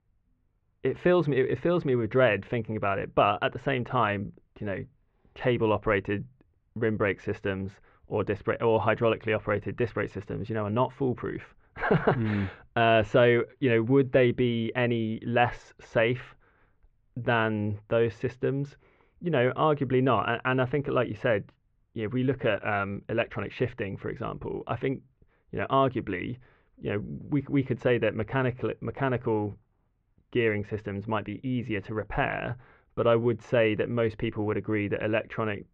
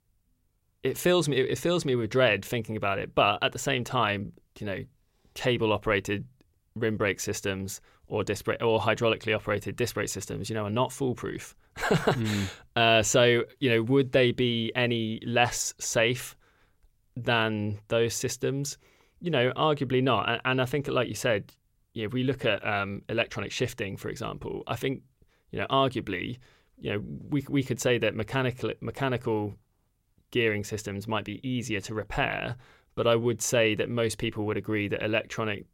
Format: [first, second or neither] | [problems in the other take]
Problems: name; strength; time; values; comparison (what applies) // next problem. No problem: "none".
second | muffled; very; fading above 2 kHz